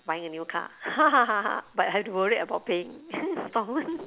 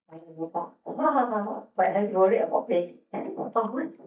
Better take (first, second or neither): first